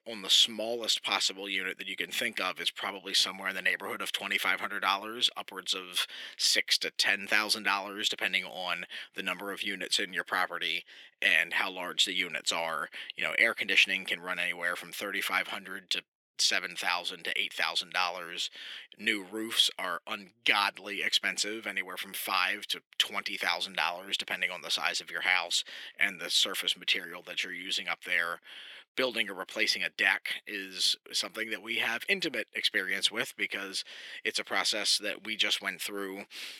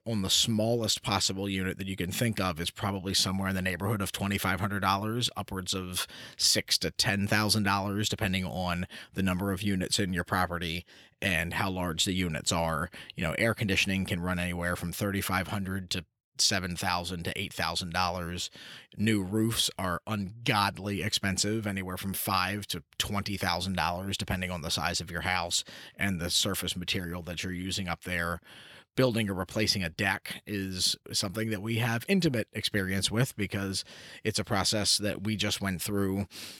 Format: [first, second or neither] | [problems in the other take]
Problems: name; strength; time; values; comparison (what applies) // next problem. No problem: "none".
second | thin; very; fading below 300 Hz